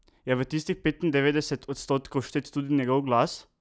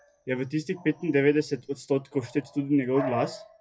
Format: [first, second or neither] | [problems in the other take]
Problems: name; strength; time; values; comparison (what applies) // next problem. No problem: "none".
first | noise reduction (classical method WPE with log-MMSE)